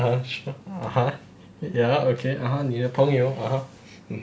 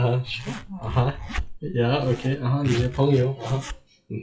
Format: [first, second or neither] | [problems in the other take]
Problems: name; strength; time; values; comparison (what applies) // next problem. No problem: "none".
first | noise reduction (classical method WPE with log-MMSE)